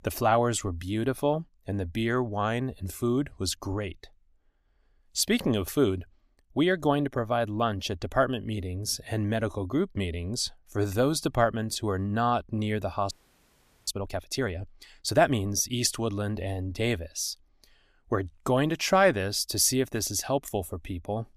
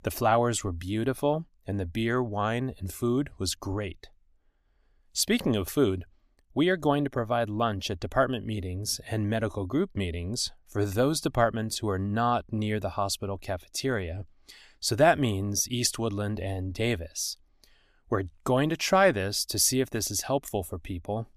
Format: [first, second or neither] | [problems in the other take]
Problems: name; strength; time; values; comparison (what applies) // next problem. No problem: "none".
second | audio freezing; at 13 s for 1 s